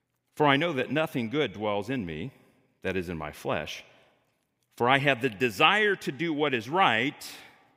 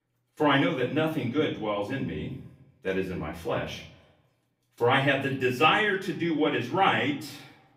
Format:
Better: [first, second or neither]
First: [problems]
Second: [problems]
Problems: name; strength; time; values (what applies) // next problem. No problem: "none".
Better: first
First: none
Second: off-mic speech; far // room echo; slight; dies away in 0.5 s